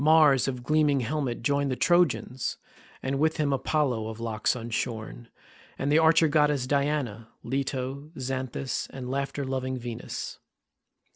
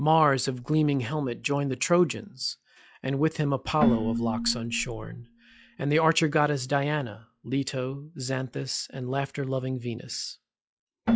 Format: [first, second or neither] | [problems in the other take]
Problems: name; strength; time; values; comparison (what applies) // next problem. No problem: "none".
first | noise reduction (classical method log-MMSE)